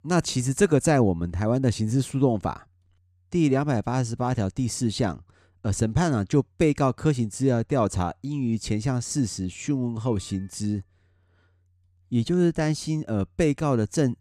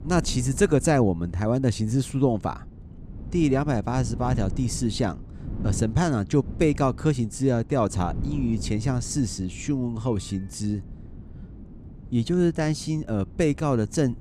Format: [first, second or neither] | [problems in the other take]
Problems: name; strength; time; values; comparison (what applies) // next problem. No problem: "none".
first | wind noise on the microphone; occasional gusts; 20 dB below the speech